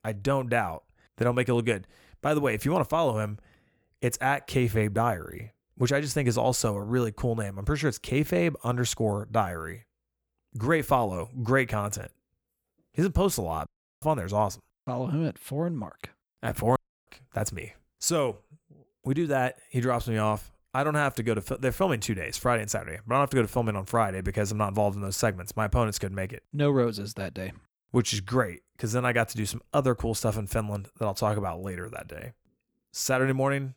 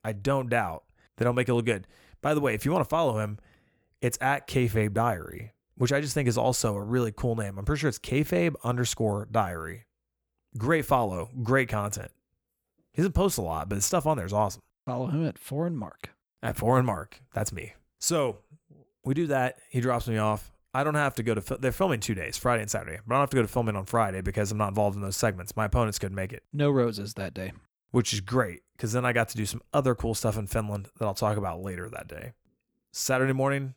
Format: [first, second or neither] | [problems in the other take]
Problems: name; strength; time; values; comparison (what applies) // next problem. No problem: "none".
second | audio cutting out; at 14 s and at 17 s